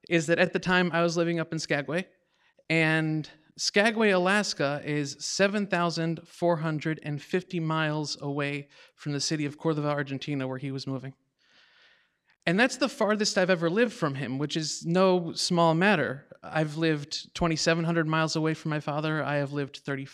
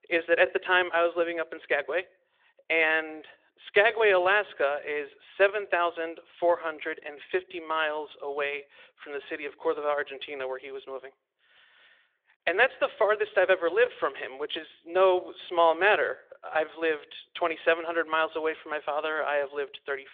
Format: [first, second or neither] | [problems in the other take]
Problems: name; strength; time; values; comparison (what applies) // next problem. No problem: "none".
first | phone-call audio